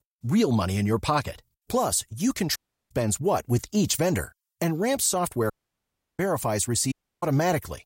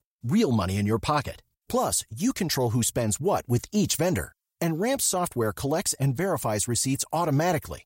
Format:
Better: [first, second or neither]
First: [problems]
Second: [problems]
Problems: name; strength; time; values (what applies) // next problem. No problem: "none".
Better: second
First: audio cutting out; at 2.5 s, at 5.5 s for 0.5 s and at 7 s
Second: none